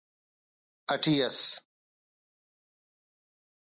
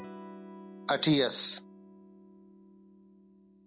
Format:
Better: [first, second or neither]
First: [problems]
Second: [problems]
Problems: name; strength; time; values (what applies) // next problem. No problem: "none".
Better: first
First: none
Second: background sound (Electric guitar / Strum); 15 dB below the speech